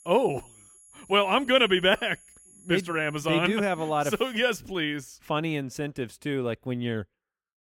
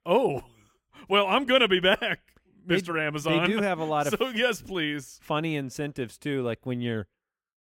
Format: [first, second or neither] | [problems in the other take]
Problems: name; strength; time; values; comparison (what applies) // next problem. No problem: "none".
second | high-pitched whine; faint; until 4.5 s; 11 kHz, 25 dB below the speech